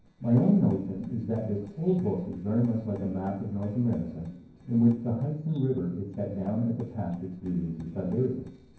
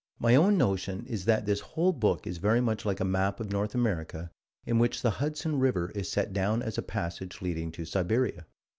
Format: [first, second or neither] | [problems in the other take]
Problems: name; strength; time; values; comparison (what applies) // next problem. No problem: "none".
second | noise reduction (neural separator model SepFormer DNS4)